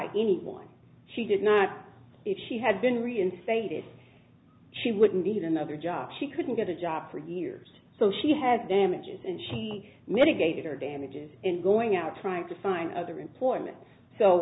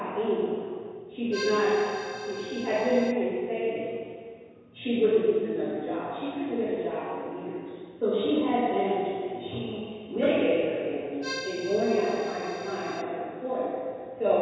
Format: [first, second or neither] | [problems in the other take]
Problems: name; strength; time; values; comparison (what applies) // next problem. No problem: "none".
first | background sound (Accordion); 11 dB below the speech // room echo; dies away in 1.9 s